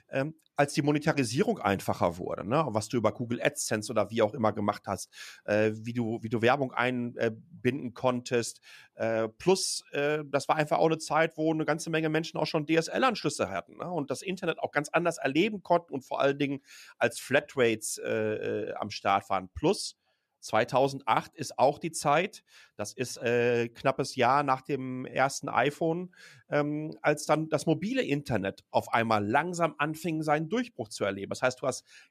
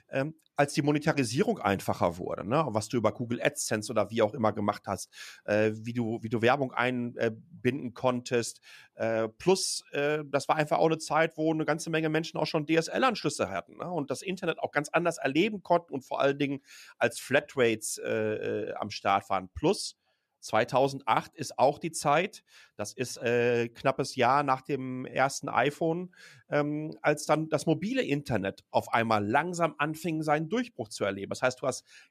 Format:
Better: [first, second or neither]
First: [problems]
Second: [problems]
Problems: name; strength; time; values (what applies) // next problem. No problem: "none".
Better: neither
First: none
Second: none